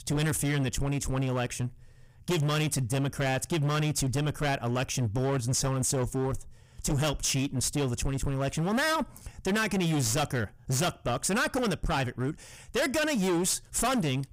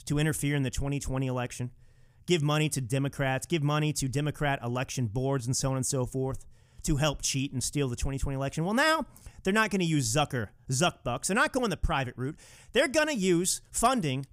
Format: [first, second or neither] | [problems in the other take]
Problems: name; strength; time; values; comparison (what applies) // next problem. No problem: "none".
second | distortion; heavy; 22% of the sound clipped